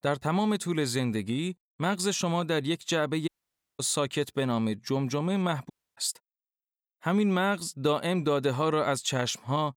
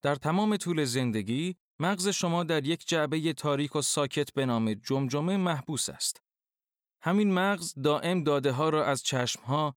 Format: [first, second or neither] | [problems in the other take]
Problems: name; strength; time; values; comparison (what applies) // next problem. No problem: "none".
second | audio cutting out; at 3.5 s for 0.5 s and at 5.5 s